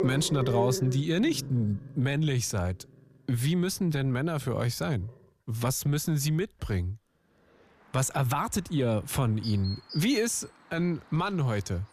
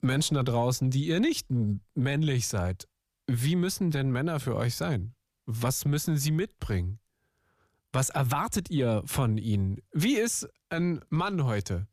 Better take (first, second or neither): second